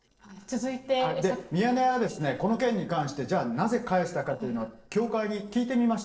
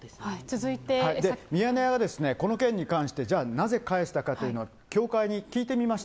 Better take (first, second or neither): second